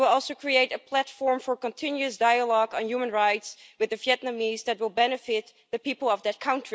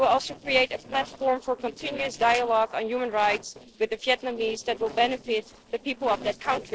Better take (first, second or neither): first